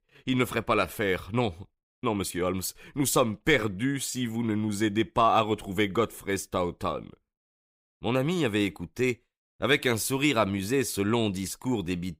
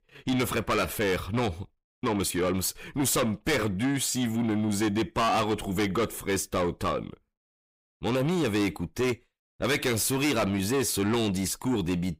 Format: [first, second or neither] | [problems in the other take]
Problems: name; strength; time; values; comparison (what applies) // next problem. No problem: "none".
first | distortion; heavy; 6 dB below the speech